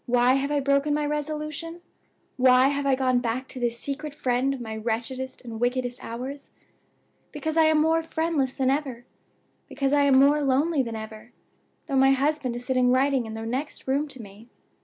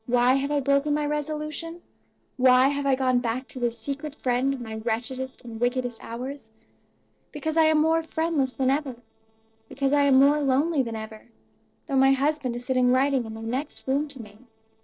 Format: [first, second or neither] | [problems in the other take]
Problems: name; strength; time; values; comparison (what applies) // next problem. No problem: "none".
first | noise reduction (neural separator model SepFormer DNS4)